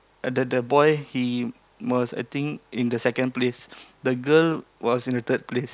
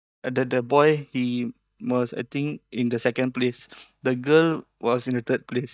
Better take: first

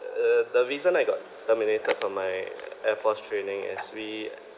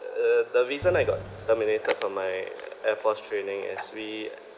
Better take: first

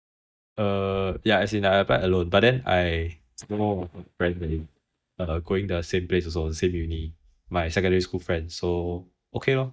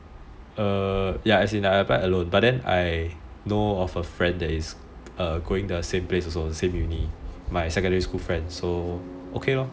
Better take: second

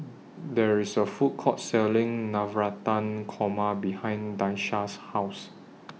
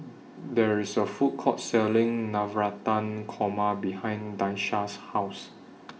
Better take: first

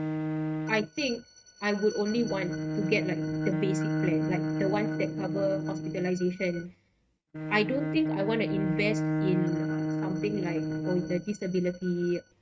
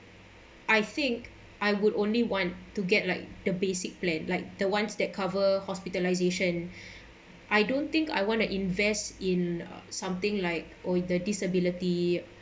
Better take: second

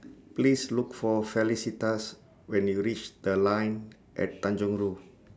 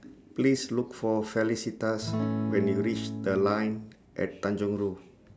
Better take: first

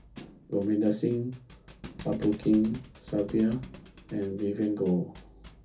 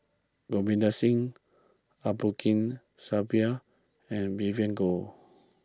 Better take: second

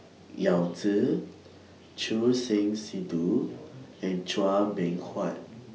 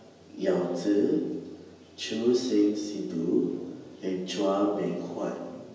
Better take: first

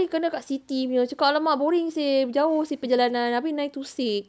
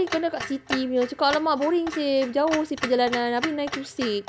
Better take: first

